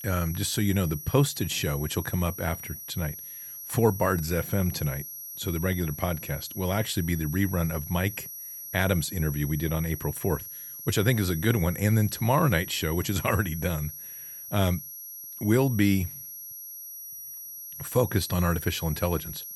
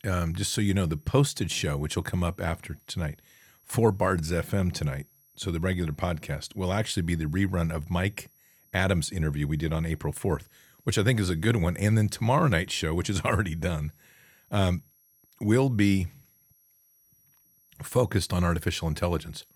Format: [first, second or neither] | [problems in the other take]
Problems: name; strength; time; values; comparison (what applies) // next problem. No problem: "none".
second | high-pitched whine; loud; throughout; 11.5 kHz, 10 dB below the speech; faint in the second